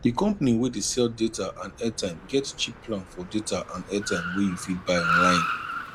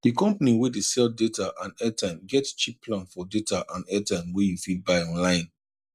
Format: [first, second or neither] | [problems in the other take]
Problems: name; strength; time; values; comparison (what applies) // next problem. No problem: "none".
second | background sound (Car); 5 dB below the speech